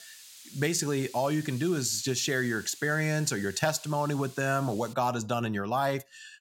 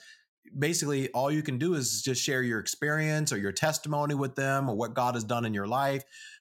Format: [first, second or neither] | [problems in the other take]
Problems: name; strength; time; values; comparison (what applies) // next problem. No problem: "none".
second | hiss; noticeable; until 5 s; 20 dB below the speech